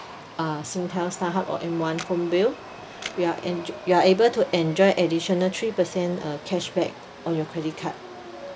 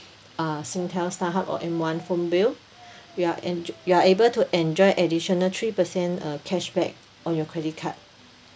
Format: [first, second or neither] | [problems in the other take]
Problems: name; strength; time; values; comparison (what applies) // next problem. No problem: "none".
second | background sound (Chatter / Subway, metro, underground + Camera); 15 dB below the speech